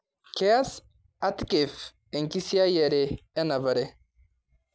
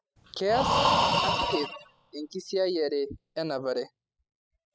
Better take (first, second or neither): first